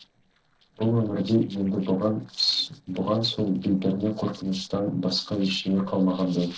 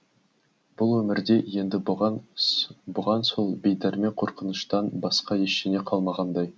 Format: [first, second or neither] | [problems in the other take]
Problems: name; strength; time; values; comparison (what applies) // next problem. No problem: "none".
second | noise reduction (neural separator model SepFormer DNS4)